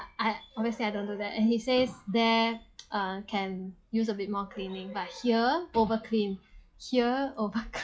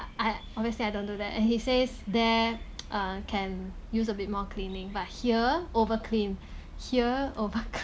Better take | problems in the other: second | noise reduction (classical method log-MMSE)

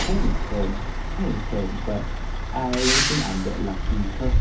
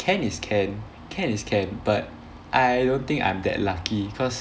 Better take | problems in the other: second | background sound (Truck); 4 dB above the speech // room echo; dies away in 0.3 s

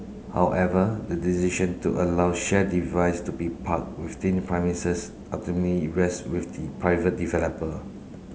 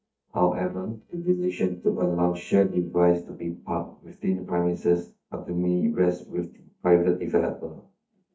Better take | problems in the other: first | noise reduction (neural mask model DeepFilterNet 3)

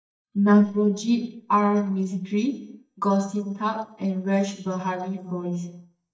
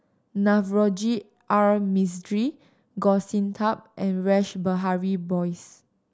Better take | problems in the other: second | noise reduction (neural mask model DeepFilterNet 3)

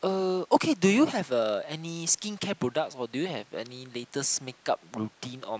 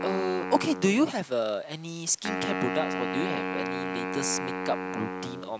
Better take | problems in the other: first | background sound (Wind instrument, woodwind instrument); 3 dB below the speech

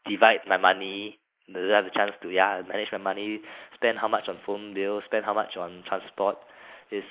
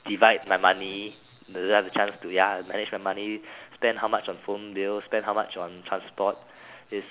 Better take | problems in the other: second | noise reduction (neural mask model Resemble Enhance denoiser)

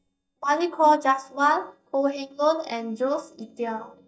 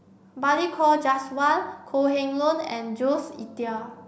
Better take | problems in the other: second | noise reduction (neural mask model DeepFilterNet 3)

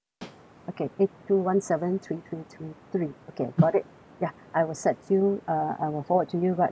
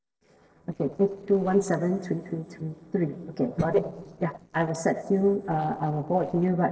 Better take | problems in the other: first | noise reduction (neural separator model SepFormer DNS4)

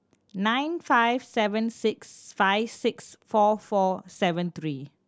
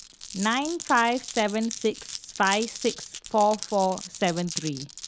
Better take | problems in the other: first | background sound (Glass); 12 dB below the speech

